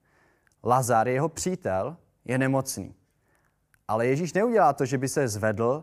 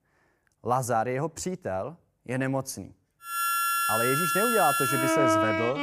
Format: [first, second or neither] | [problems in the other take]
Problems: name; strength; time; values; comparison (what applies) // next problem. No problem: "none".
first | background music; very loud; from 3.5 s on; 4 dB above the speech